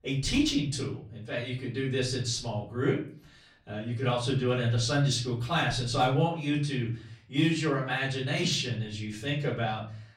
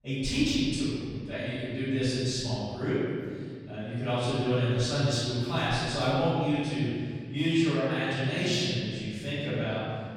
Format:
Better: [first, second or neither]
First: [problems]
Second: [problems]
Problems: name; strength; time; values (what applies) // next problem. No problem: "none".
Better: first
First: room echo; slight; dies away in 0.4 s // off-mic speech; far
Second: room echo; strong; dies away in 2.1 s // off-mic speech; far